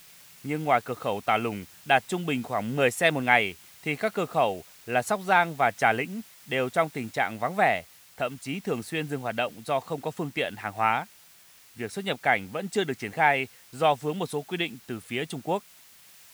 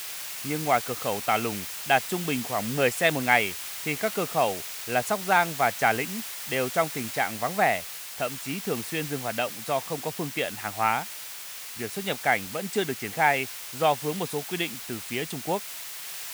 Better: first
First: hiss; faint; throughout; 25 dB below the speech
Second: hiss; loud; throughout; 7 dB below the speech

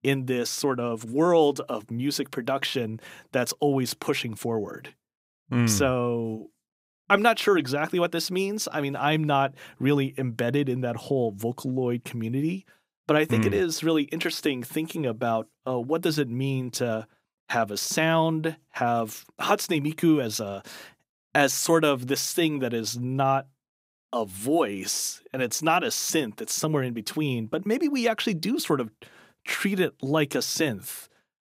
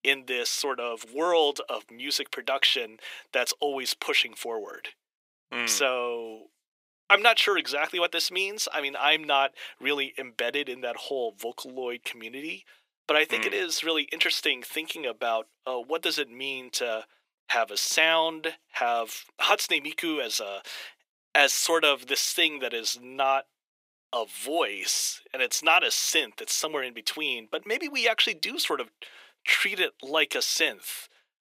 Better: first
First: none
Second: thin; very; fading below 450 Hz

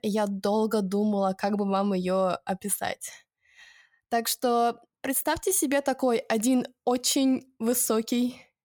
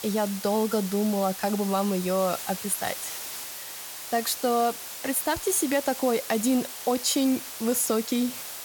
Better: first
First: none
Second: hiss; loud; throughout; 9 dB below the speech

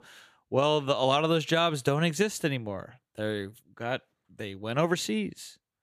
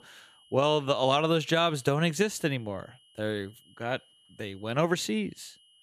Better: first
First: none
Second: high-pitched whine; faint; throughout; 3 kHz, 30 dB below the speech

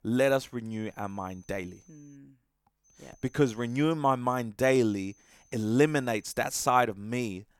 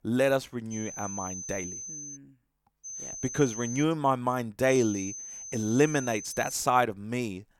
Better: first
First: high-pitched whine; faint; from 0.5 to 2 s, at 3 s and from 4.5 to 6.5 s; 6 kHz, 35 dB below the speech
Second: high-pitched whine; loud; from 0.5 to 2 s, at 3 s and from 4.5 to 6.5 s; 6 kHz, 9 dB below the speech

